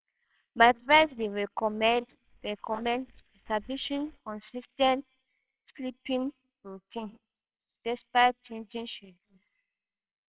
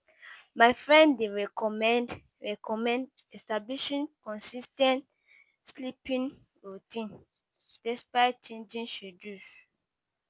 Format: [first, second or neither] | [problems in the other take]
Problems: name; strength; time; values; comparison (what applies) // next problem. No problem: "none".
second | noise reduction (neural separator model SepFormer WHAMR!)